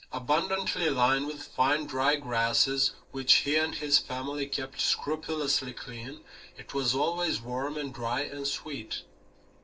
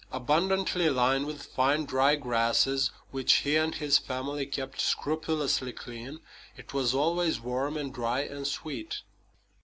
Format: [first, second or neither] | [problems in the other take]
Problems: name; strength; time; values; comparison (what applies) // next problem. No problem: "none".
second | noise reduction (neural separator model SepFormer DNS4)